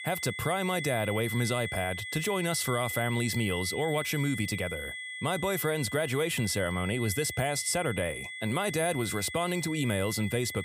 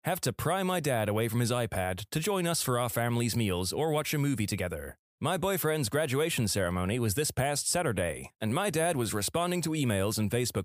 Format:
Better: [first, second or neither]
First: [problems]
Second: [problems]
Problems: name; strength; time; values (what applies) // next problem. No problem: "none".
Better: second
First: high-pitched whine; loud; throughout; 2 kHz, 7 dB below the speech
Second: none